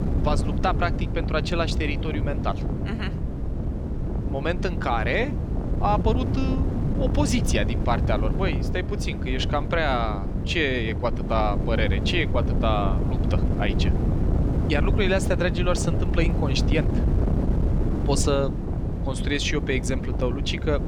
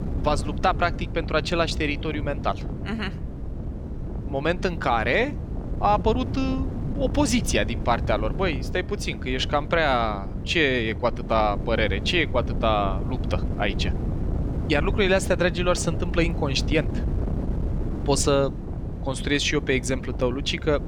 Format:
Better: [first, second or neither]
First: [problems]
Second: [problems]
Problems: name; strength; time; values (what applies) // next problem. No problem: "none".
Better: second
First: wind noise on the microphone; heavy; 8 dB below the speech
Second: wind noise on the microphone; occasional gusts; 15 dB below the speech